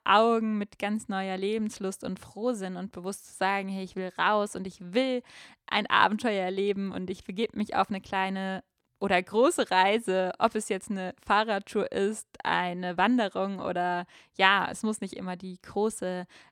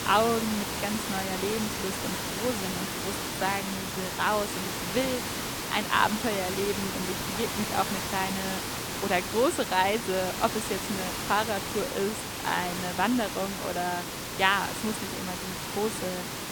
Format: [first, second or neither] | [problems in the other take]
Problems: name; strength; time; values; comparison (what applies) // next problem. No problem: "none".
first | hiss; loud; throughout; 2 dB below the speech